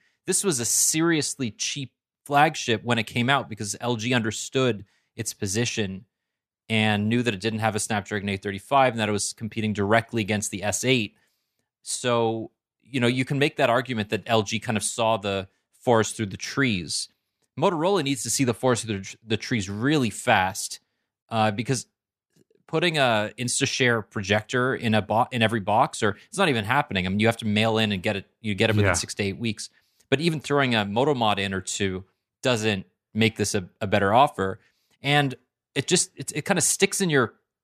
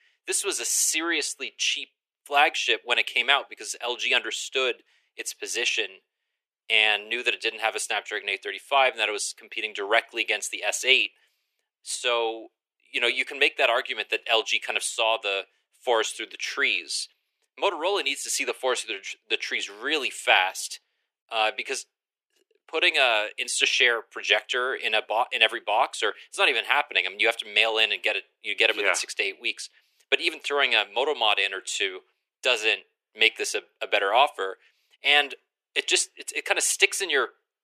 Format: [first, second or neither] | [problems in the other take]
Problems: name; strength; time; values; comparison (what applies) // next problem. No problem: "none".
first | thin; very; fading below 350 Hz